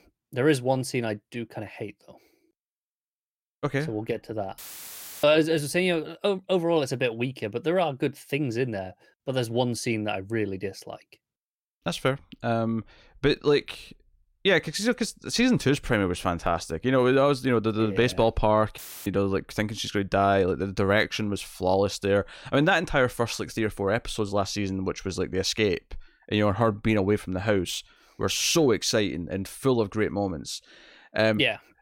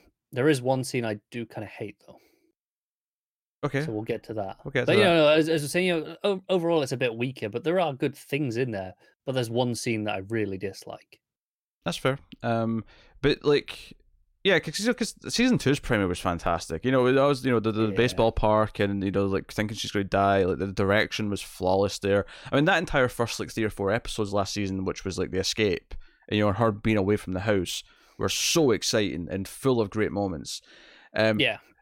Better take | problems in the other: second | audio cutting out; filled with static; at 4.5 s for 0.5 s and at 19 s

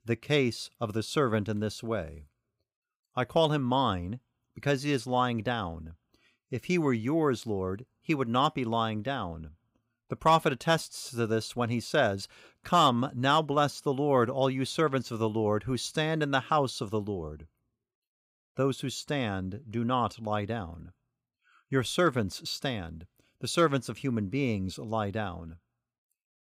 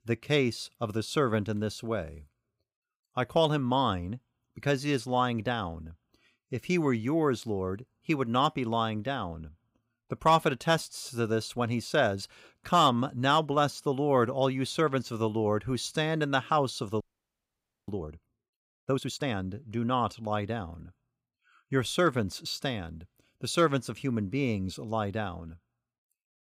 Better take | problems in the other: first | audio freezing; at 17 s for 1 s

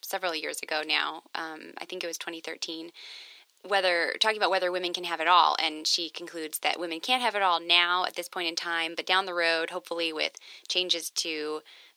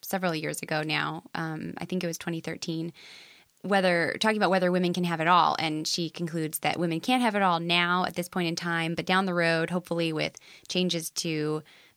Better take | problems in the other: second | thin; very; fading below 350 Hz

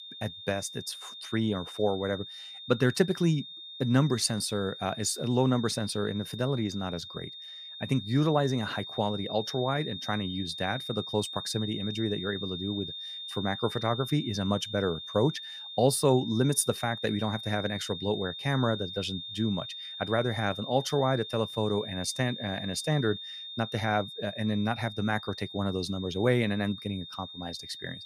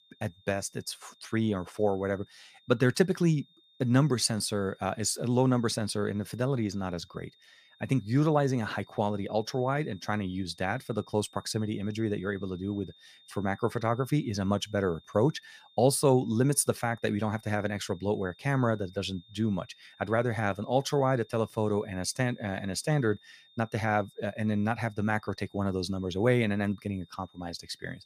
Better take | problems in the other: second | high-pitched whine; loud; throughout; 3.5 kHz, 9 dB below the speech; faint in the second

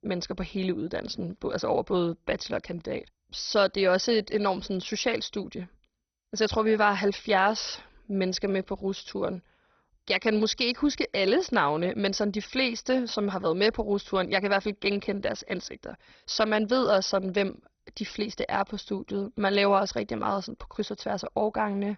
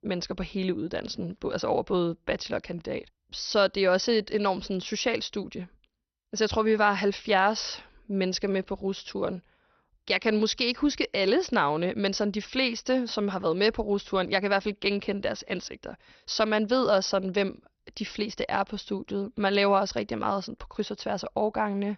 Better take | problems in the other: second | garbled, watery; badly; nothing above 6 kHz; slightly in the second

